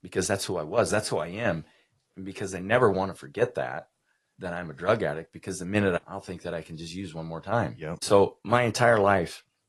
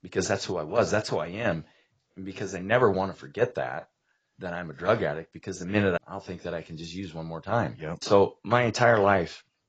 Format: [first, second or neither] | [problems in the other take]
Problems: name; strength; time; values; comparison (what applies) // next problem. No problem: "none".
first | garbled, watery; badly; nothing above 7.5 kHz; slightly in the first